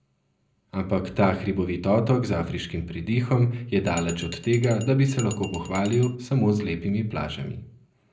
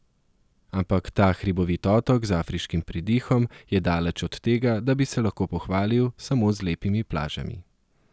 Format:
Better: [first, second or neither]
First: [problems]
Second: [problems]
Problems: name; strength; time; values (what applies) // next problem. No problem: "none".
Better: second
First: background sound (Glass); 16 dB below the speech // room echo; dies away in 0.5 s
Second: none